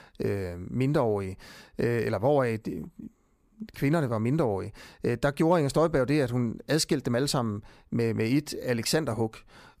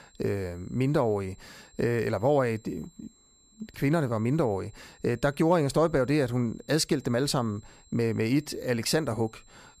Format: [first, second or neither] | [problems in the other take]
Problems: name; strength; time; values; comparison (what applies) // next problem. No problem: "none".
first | high-pitched whine; faint; throughout; 7.5 kHz, 30 dB below the speech